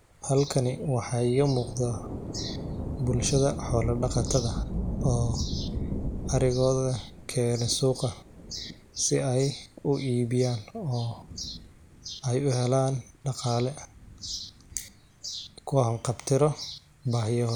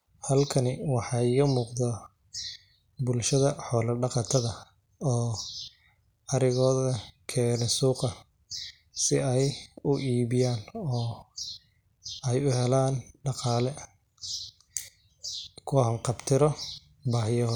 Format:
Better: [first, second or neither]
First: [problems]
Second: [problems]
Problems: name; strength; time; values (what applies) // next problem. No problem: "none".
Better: second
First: background sound (Thunder / Rain); 8 dB below the speech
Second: none